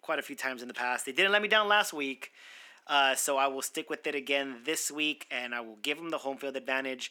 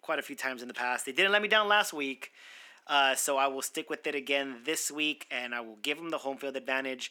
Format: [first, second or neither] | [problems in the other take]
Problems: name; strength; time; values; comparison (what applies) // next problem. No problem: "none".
neither | thin; somewhat; fading below 300 Hz; the same in both